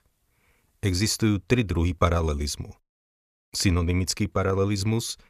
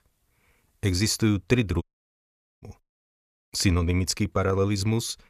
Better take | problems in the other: first | audio cutting out; at 2 s for 1 s

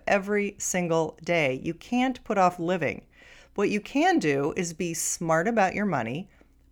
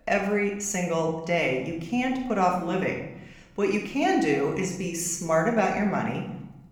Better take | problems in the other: first | room echo; noticeable; dies away in 0.7 s // off-mic speech; somewhat distant

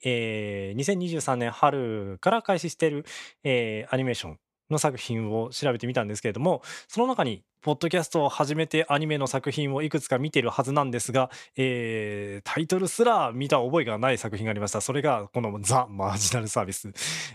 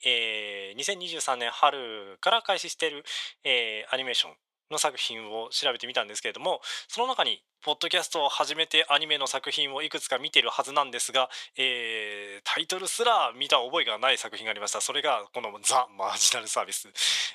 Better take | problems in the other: first | thin; very; fading below 700 Hz

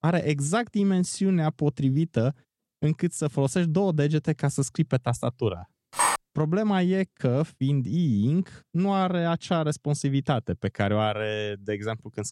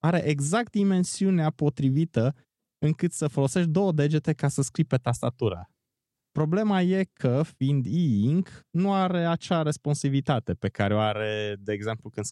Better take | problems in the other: second | clattering dishes; loud; at 6 s; peak 2 dB above the speech

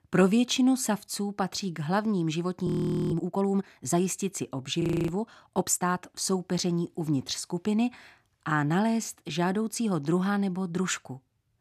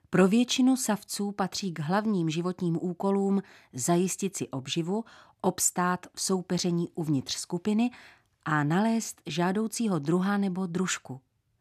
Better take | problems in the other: second | audio freezing; at 2.5 s and at 5 s

